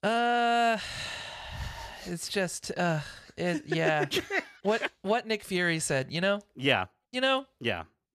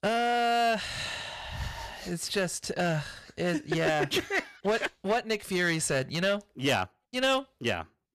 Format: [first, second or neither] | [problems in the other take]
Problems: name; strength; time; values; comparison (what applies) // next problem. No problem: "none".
first | distortion; slight; 6% of the sound clipped